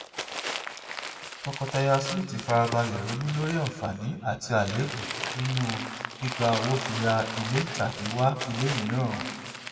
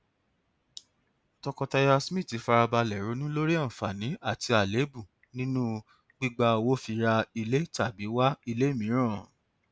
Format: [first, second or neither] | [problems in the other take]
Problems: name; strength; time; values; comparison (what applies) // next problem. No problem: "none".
second | background sound (Crumpling, crinkling); 7 dB below the speech // room echo; dies away in 1.7 s